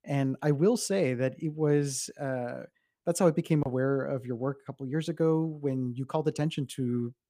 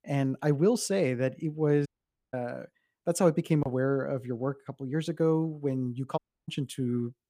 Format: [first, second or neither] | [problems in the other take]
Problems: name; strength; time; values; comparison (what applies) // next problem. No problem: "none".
first | audio cutting out; at 2 s and at 6 s